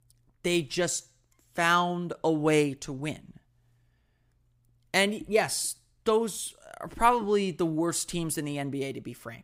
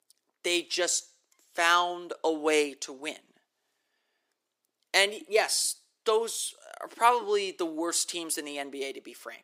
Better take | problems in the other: first | thin; somewhat; fading below 350 Hz

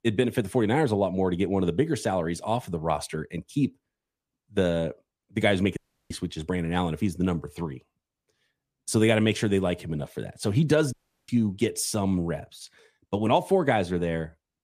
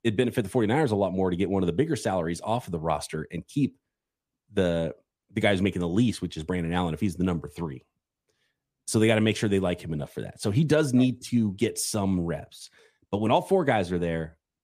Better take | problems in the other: second | audio cutting out; at 6 s and at 11 s

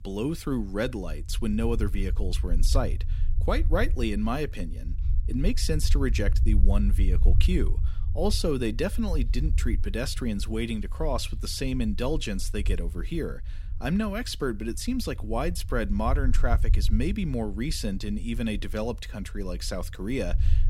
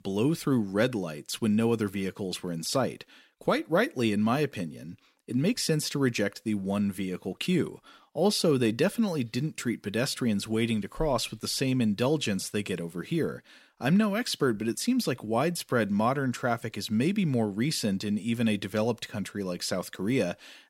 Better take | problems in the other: second | low rumble; noticeable; throughout; 15 dB below the speech

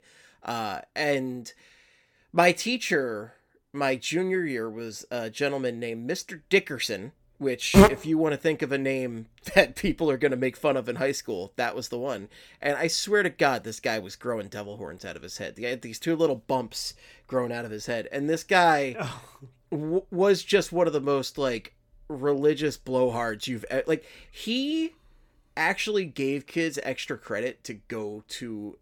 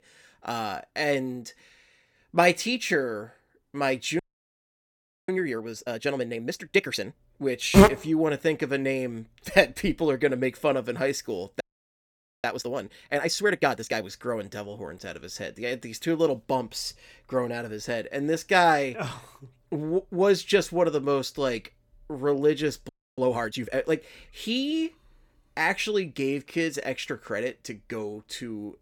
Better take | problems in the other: first | audio freezing; at 4 s for 1 s, at 12 s for 1 s and at 23 s

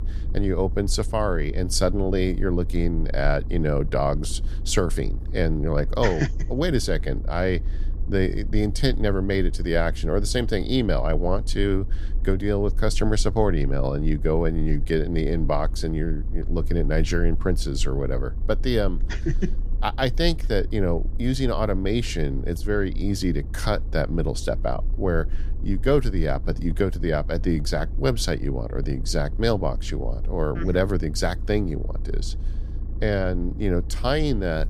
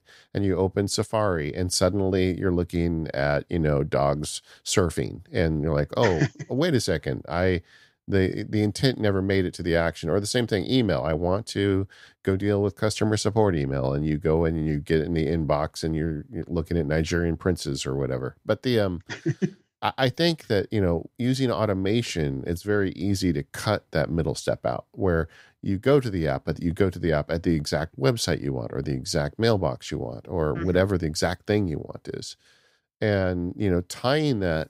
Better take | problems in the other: second | low rumble; faint; throughout; 20 dB below the speech

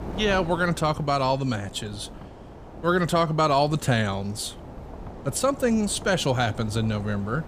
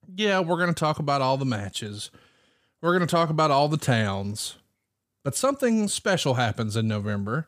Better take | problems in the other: second | wind noise on the microphone; occasional gusts; 20 dB below the speech

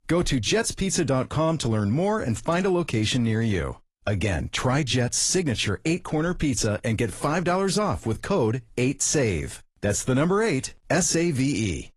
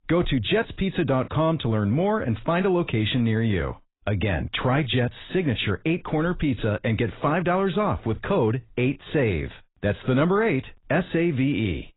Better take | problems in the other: first | garbled, watery; badly; nothing above 4 kHz; slightly in the first

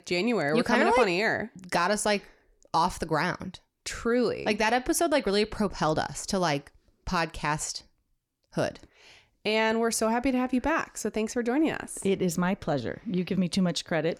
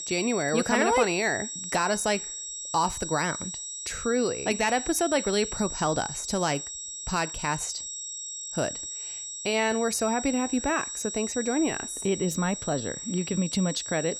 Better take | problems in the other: first | high-pitched whine; loud; throughout; 7.5 kHz, 6 dB below the speech

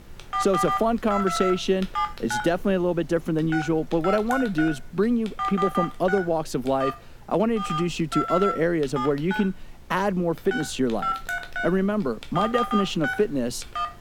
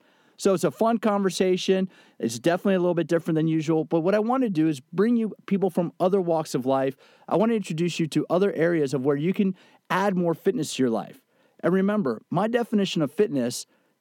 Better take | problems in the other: second | alarms or sirens; loud; throughout; 5 dB below the speech

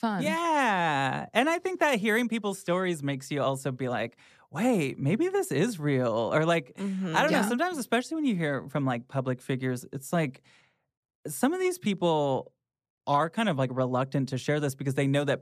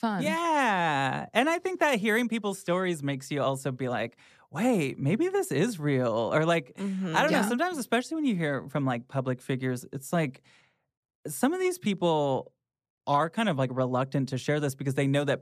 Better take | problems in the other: neither | none

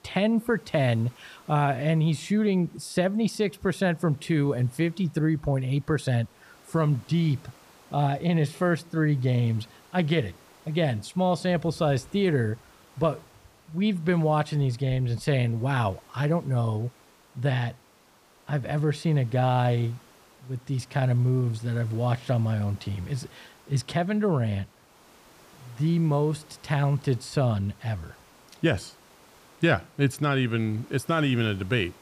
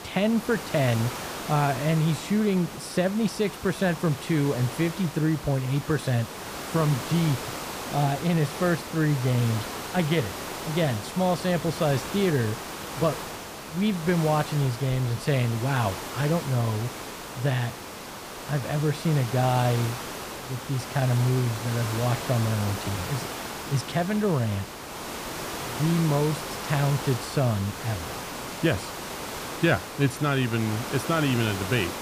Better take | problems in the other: first | hiss; loud; throughout; 8 dB below the speech; faint in the first

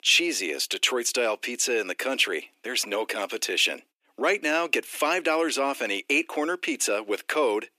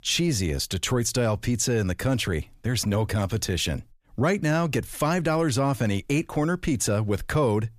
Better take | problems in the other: second | thin; very; fading below 300 Hz

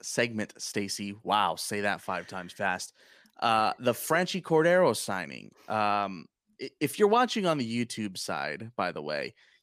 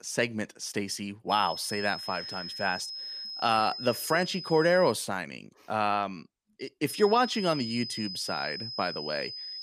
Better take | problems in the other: first | high-pitched whine; loud; from 1.5 to 5 s and from 7 s on; 5 kHz, 8 dB below the speech

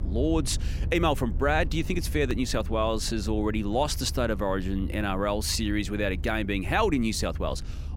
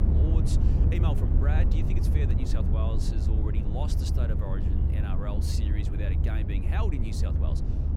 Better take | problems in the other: first | low rumble; loud; throughout; as loud as the speech; faint in the first

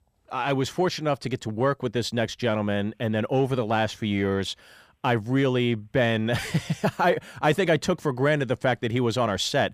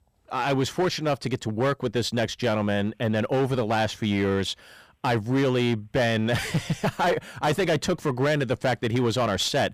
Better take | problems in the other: first | distortion; slight; 14% of the sound clipped

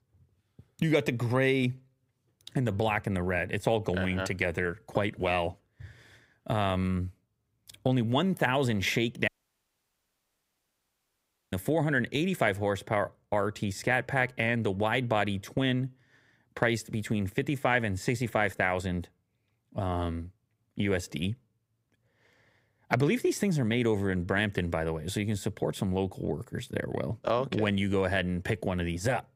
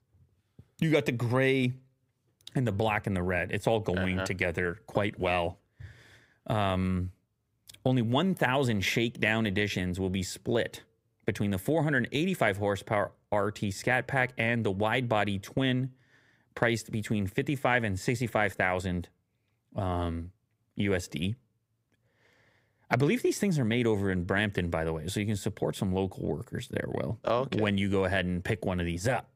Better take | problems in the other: second | audio cutting out; at 9.5 s for 2 s

